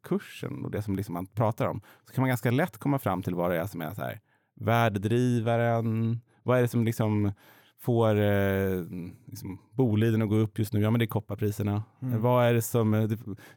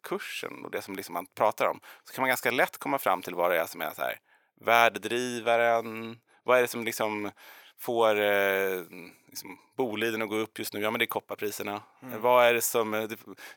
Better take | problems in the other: first | thin; very; fading below 550 Hz

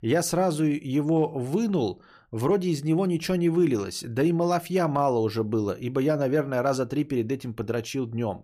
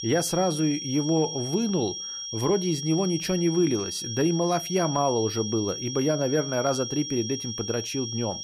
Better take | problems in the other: first | high-pitched whine; loud; throughout; 5.5 kHz, 6 dB below the speech

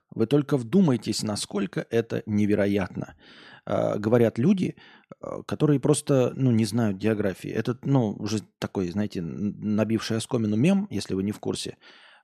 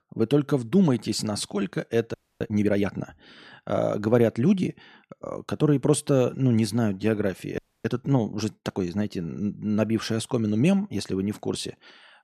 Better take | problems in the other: first | audio freezing; at 2 s and at 7.5 s

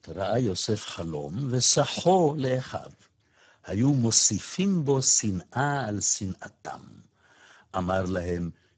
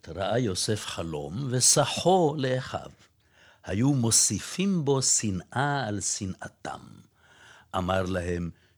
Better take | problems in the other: second | garbled, watery; badly; nothing above 7.5 kHz

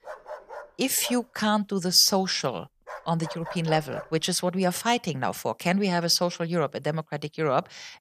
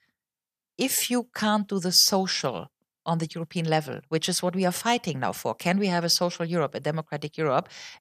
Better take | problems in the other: second | dog barking; faint; until 4 s; peak 10 dB below the speech

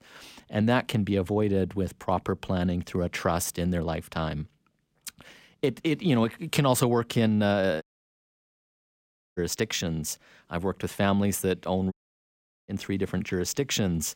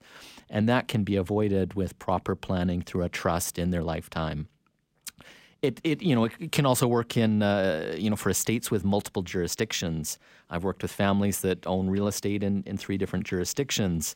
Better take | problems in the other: second | audio cutting out; at 8 s for 1.5 s and at 12 s for 1 s

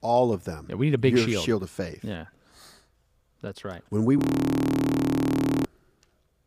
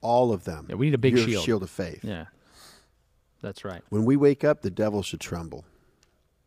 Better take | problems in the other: second | audio freezing; at 4 s for 1.5 s

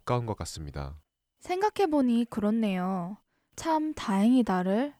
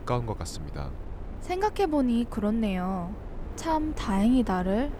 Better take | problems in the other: first | wind noise on the microphone; occasional gusts; 15 dB below the speech

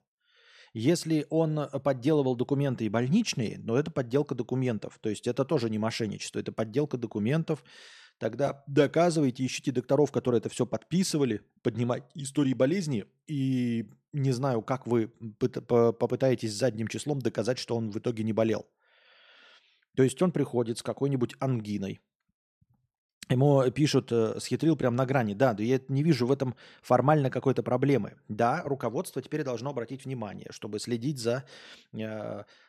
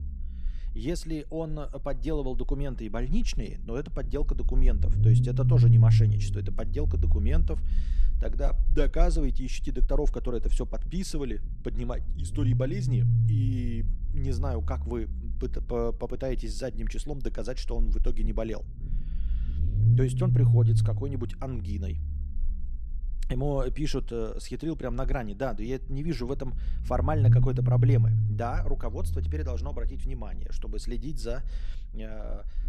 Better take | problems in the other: first | low rumble; loud; throughout; 2 dB below the speech

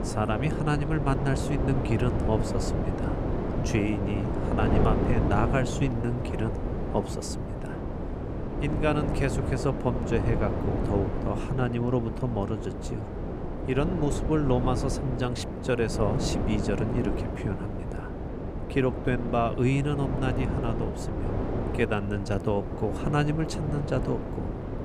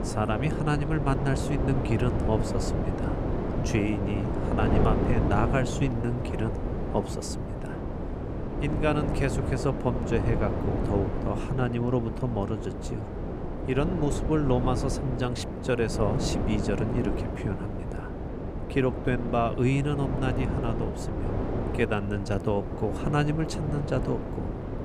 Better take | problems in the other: neither | wind noise on the microphone; heavy; 3 dB below the speech; the same in both

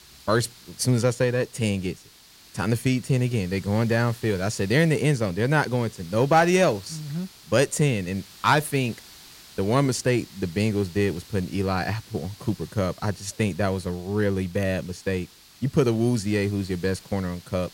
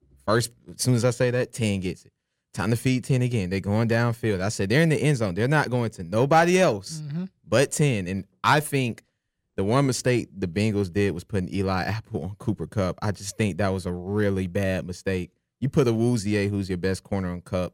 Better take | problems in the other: second | hiss; faint; throughout; 20 dB below the speech

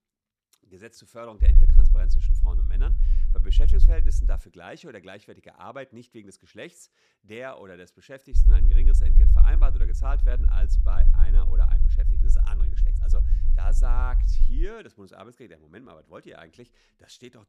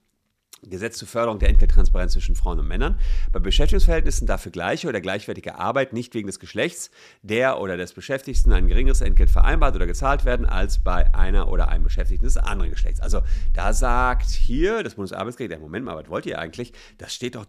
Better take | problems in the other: second | low rumble; loud; from 1.5 to 4.5 s and from 8.5 to 15 s; 5 dB below the speech; faint in the second

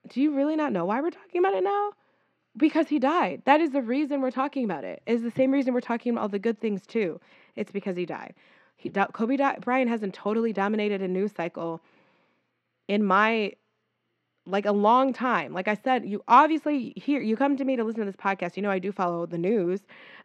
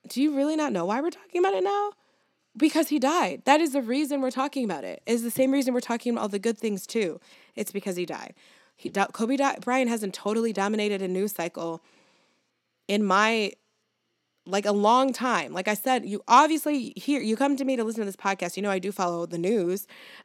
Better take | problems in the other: second | muffled; slightly; fading above 2 kHz

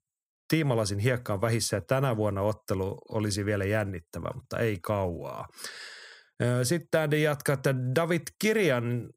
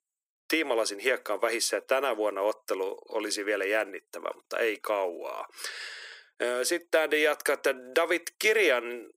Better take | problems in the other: first | thin; very; fading below 350 Hz

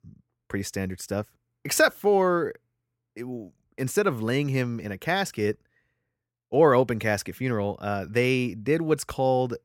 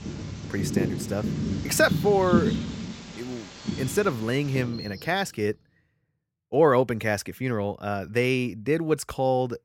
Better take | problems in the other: first | animal sounds; loud; until 4.5 s; 5 dB below the speech

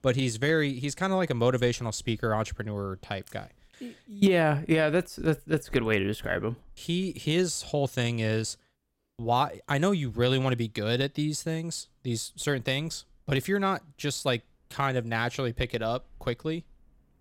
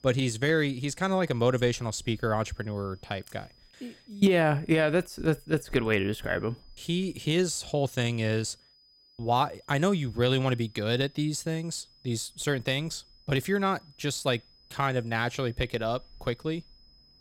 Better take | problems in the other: first | high-pitched whine; faint; throughout; 5 kHz, 30 dB below the speech

